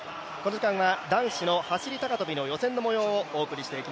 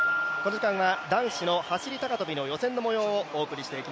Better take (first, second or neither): first